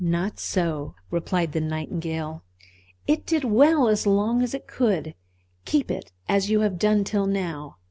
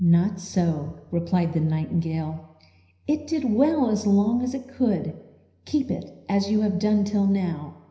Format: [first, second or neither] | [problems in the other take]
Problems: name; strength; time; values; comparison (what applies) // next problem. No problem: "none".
first | room echo; dies away in 0.9 s